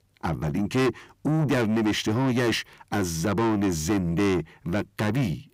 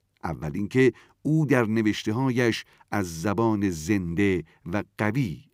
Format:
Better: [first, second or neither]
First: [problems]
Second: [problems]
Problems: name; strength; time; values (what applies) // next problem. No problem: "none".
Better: second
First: distortion; heavy; 7 dB below the speech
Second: none